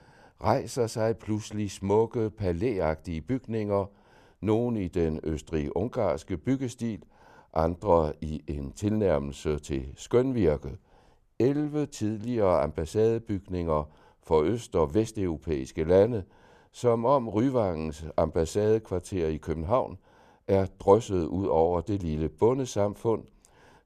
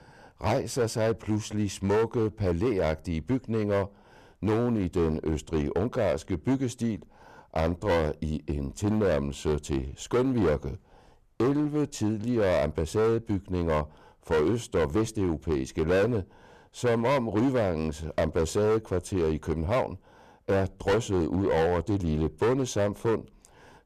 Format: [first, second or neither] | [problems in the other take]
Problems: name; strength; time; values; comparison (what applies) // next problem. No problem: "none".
first | distortion; heavy; 10% of the sound clipped